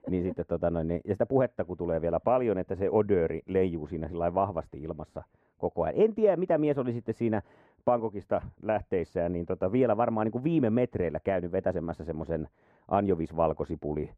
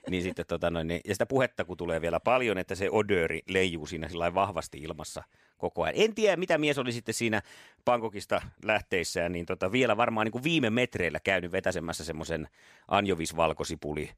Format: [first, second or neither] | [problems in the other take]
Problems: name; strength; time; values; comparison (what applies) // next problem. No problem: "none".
second | muffled; very; fading above 2 kHz